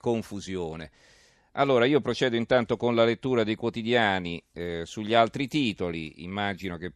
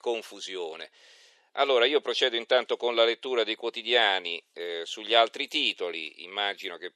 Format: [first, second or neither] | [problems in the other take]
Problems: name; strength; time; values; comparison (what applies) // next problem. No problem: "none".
first | thin; very; fading below 400 Hz